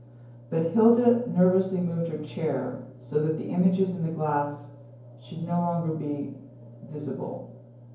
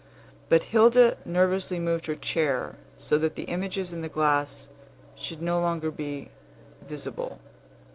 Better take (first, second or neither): second